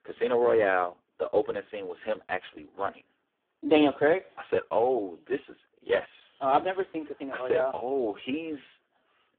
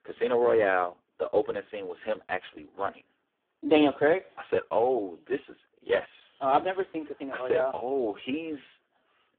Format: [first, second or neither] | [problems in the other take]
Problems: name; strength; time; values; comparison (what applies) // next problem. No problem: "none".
neither | phone-call audio; poor line; the same in both